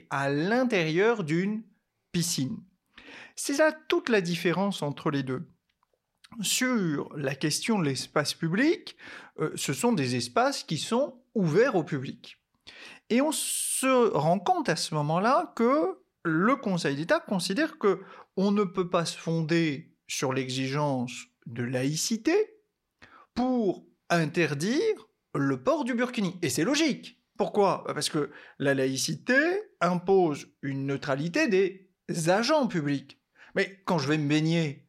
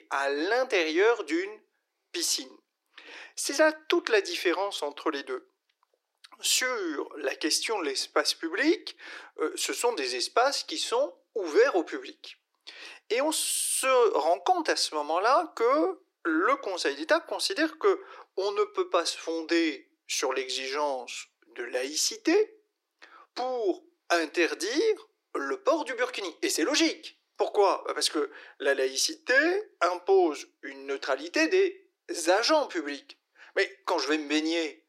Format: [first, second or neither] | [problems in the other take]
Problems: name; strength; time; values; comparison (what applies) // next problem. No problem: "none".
first | thin; very; fading below 300 Hz